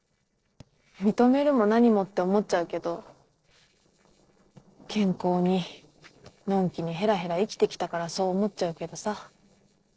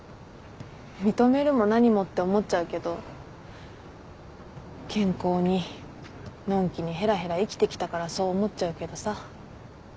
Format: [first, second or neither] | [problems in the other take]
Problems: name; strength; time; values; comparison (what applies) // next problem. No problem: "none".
second | noise reduction (neural separator model SepFormer DNS4)